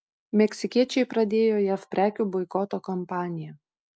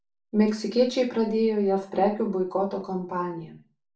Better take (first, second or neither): first